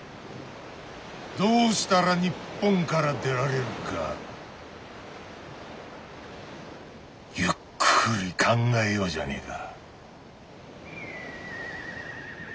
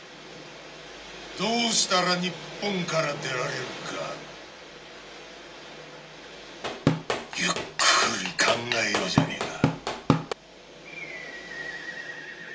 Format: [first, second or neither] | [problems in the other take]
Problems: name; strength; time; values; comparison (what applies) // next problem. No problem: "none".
first | background sound (Drum / Drum kit); 2 dB above the speech // room echo; dies away in 0.2 s